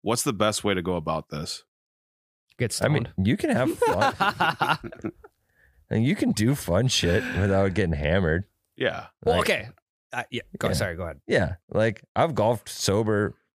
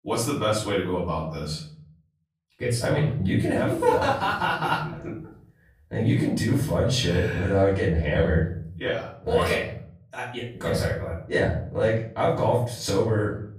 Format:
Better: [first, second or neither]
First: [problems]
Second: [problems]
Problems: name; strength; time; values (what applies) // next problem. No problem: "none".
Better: first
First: none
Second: off-mic speech; far // room echo; noticeable; dies away in 0.6 s